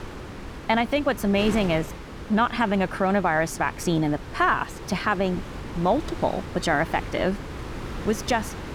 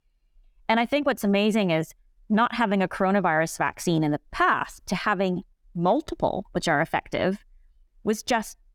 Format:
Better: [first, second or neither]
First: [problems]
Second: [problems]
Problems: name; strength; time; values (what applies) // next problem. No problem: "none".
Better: second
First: wind noise on the microphone; occasional gusts; 15 dB below the speech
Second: none